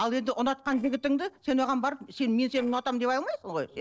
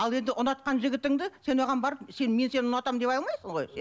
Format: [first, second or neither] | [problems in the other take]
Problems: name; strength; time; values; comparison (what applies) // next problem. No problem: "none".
second | noise reduction (neural separator model SepFormer DNS4)